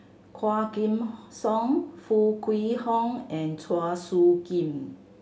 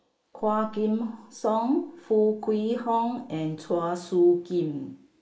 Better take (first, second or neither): first